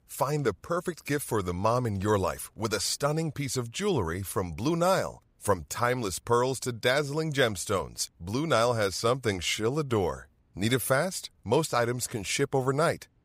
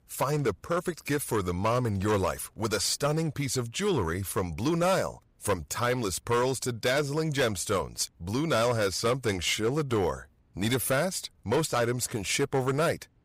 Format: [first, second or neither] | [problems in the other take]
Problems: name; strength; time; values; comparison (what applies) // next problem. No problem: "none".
first | distortion; slight; 7% of the sound clipped